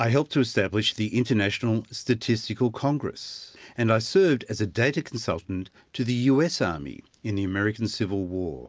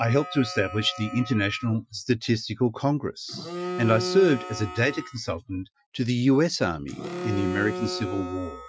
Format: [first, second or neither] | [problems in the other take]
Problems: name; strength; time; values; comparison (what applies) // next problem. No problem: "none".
first | noise reduction (classical method Wiener filter)